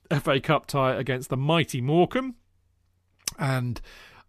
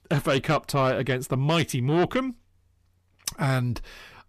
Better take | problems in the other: first | distortion; slight; 10 dB below the speech

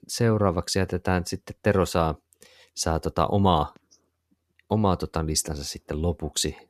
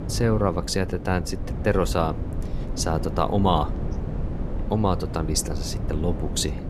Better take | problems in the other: first | wind noise on the microphone; occasional gusts; 10 dB below the speech

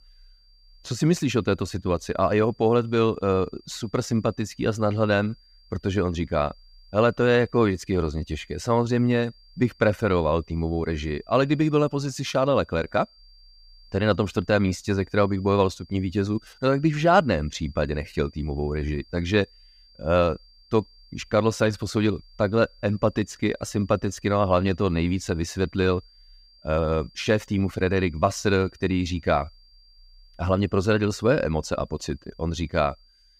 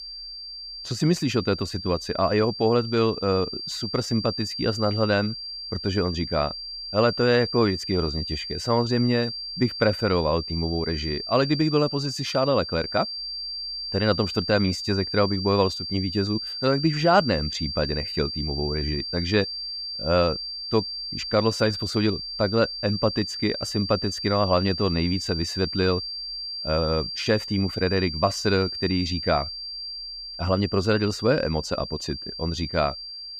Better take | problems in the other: first | high-pitched whine; loud; throughout; 4.5 kHz, 6 dB below the speech; faint in the first

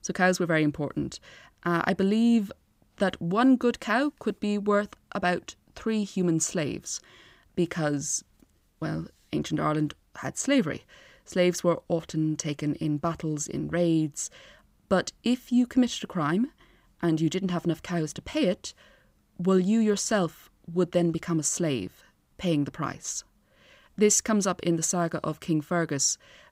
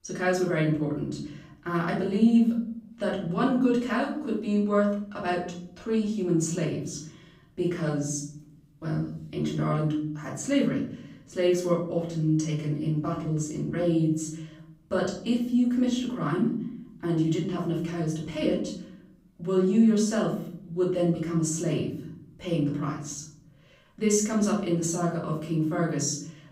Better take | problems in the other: first | off-mic speech; far // room echo; noticeable; dies away in 0.8 s

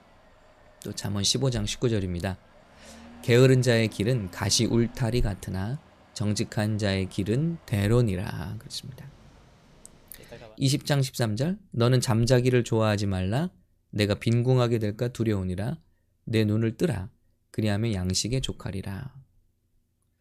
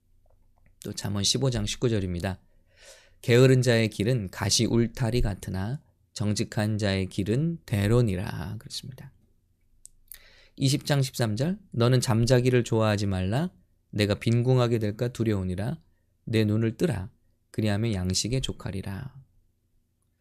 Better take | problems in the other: second | traffic noise; faint; until 10 s; 25 dB below the speech

